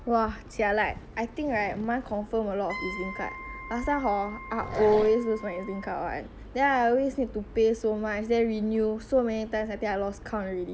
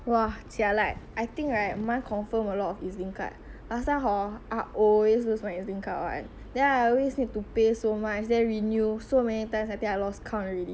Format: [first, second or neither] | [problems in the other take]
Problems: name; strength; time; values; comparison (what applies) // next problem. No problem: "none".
second | background sound (Growling + Wind instrument, woodwind instrument); 11 dB below the speech